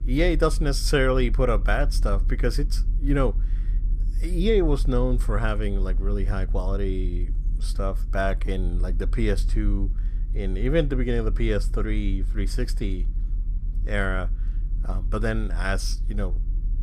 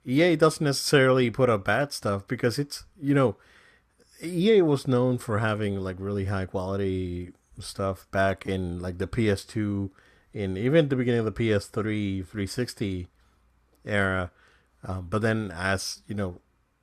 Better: second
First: low rumble; faint; throughout; 20 dB below the speech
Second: none

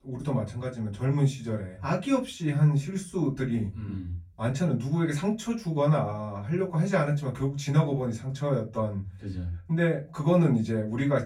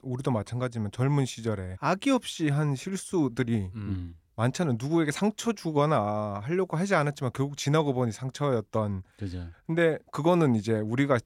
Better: second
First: off-mic speech; far // room echo; very slight; dies away in 0.3 s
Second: none

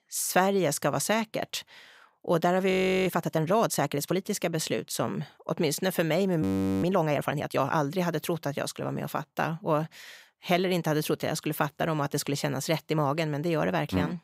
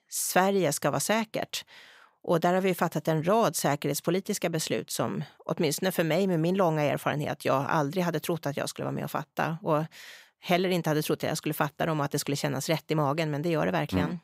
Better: second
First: audio freezing; at 2.5 s and at 6.5 s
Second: none

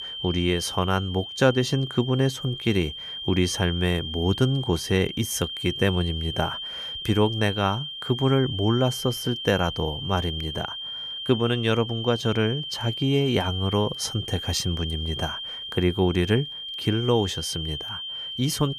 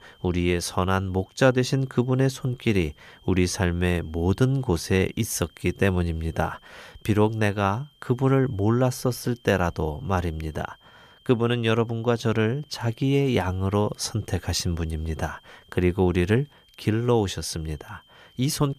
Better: second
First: high-pitched whine; loud; throughout; 3 kHz, 6 dB below the speech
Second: high-pitched whine; faint; throughout; 3 kHz, 30 dB below the speech

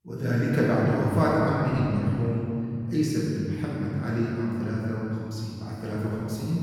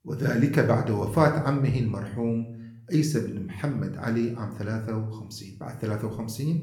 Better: second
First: room echo; strong; dies away in 2.5 s // off-mic speech; far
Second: room echo; slight; dies away in 0.5 s

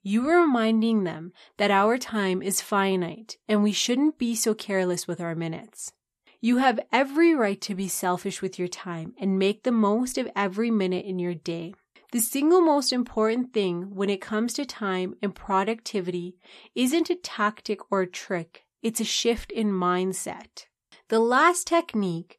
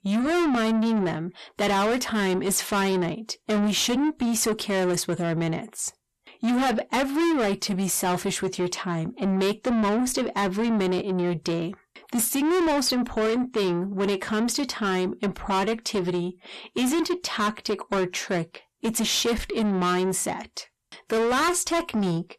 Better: first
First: none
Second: distortion; heavy; 7 dB below the speech

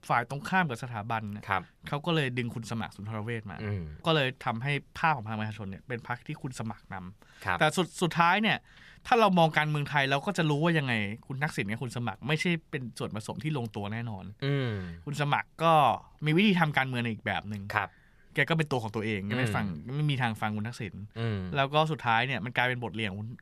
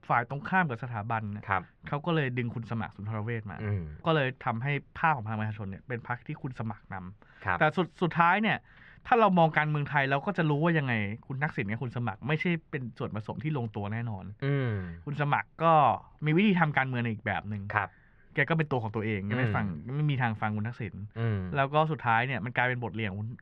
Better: first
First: none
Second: muffled; very; fading above 2 kHz

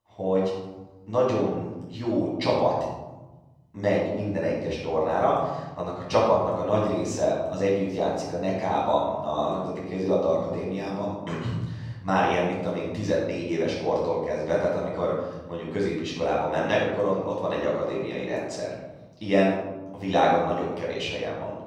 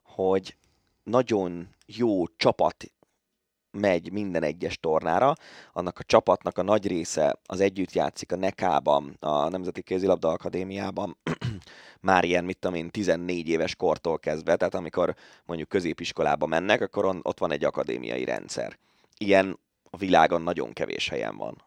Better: second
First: off-mic speech; far // room echo; noticeable; dies away in 1.4 s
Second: none

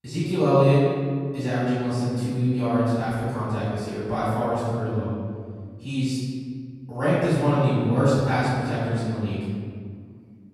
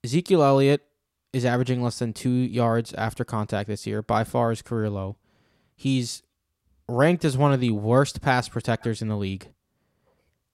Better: second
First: off-mic speech; far // room echo; strong; dies away in 2 s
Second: none

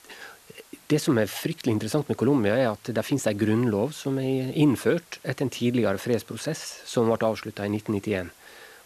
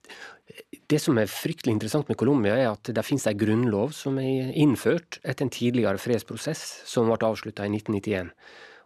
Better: second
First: hiss; faint; throughout; 25 dB below the speech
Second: none

